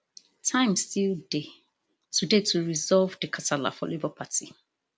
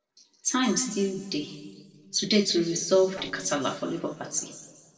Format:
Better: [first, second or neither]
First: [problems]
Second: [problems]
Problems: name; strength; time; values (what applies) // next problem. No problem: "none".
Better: first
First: none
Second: noise reduction (neural separator model SepFormer DNS4)